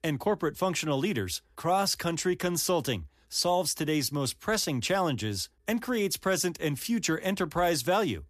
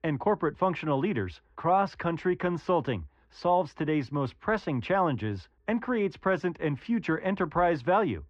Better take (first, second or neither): first